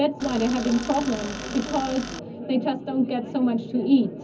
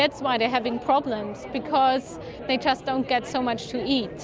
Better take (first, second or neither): second